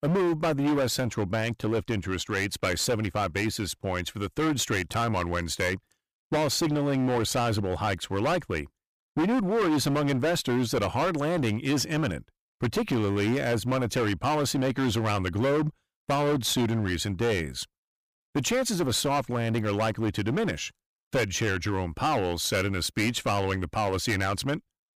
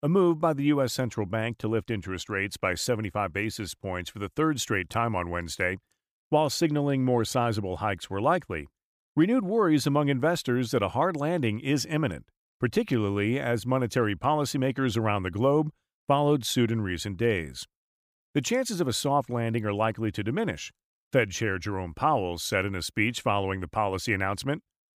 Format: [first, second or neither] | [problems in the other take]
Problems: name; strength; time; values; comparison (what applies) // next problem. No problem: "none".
second | distortion; heavy; 17% of the sound clipped